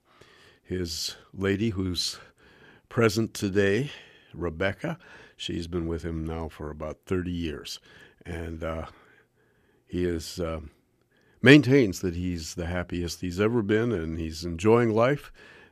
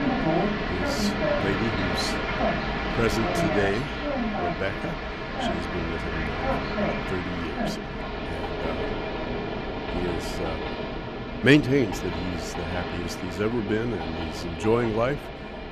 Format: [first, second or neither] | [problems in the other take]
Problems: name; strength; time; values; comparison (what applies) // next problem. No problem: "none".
first | train or aircraft noise; loud; throughout; as loud as the speech